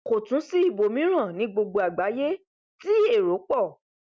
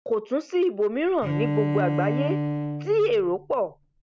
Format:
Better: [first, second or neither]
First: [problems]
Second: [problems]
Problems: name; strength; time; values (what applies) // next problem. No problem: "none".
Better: first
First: none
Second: background sound (Bowed string instrument); 3 dB below the speech